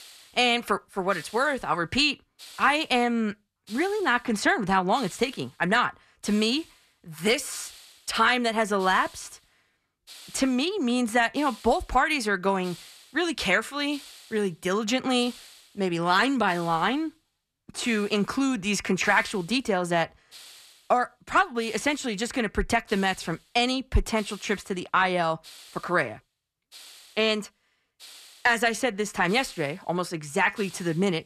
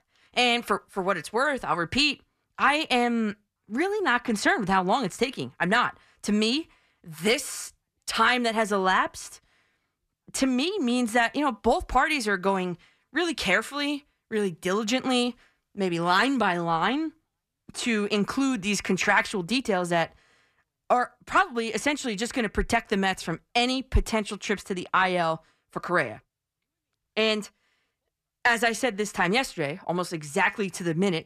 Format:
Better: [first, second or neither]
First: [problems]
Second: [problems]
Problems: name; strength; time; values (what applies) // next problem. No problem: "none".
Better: second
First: hiss; faint; throughout; 20 dB below the speech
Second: none